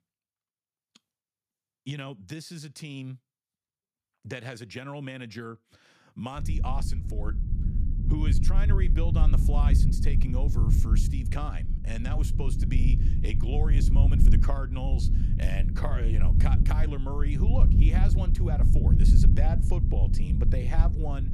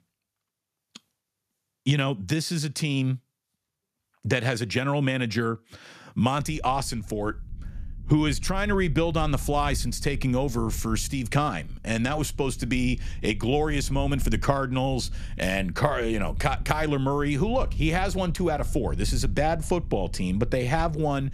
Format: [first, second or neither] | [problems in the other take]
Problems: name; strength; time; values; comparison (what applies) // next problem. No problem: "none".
second | low rumble; loud; from 6.5 s on; 2 dB below the speech; faint in the second